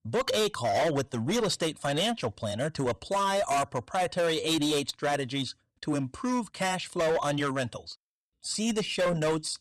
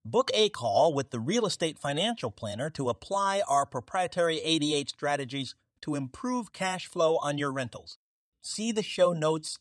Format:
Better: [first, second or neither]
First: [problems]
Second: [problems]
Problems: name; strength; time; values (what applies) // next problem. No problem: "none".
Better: second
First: distortion; heavy; 14% of the sound clipped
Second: none